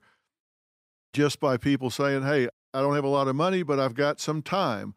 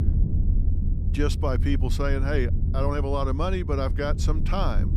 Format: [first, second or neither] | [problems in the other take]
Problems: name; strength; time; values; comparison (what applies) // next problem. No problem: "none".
first | low rumble; noticeable; throughout; 10 dB below the speech